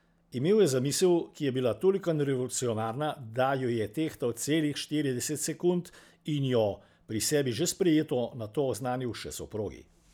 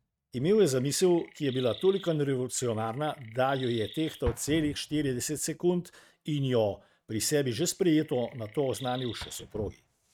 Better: first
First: none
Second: noise reduction (neural mask model RNNoise)

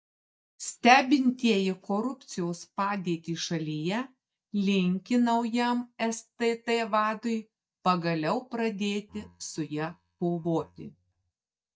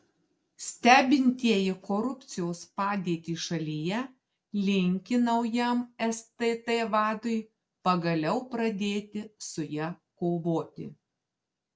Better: second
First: noise reduction (neural mask model DeepFilterNet 3)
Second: none

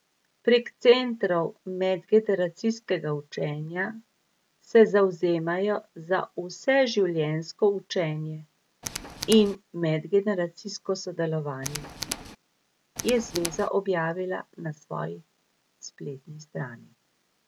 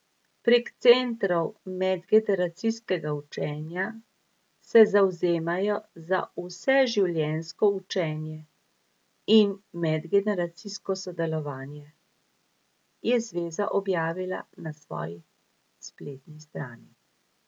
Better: second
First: background sound (Tools); 9 dB below the speech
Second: none

